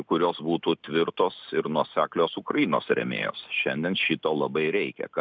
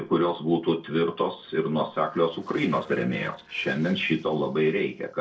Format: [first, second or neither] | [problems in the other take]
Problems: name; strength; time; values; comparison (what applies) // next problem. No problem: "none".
first | noise reduction (neural separator model SepFormer DNS4)